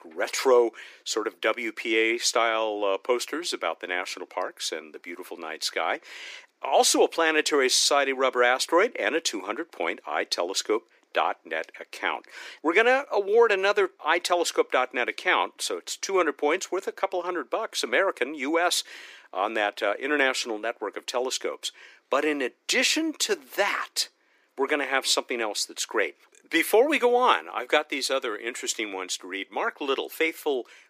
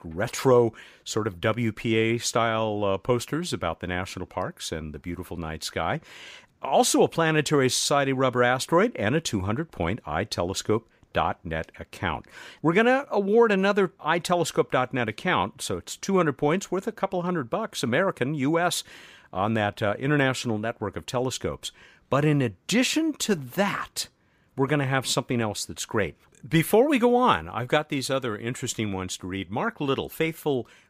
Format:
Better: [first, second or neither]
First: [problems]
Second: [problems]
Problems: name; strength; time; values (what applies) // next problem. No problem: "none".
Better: second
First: thin; somewhat; fading below 300 Hz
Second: none